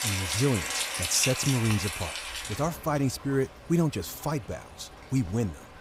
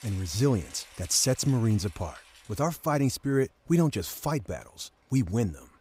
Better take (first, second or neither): second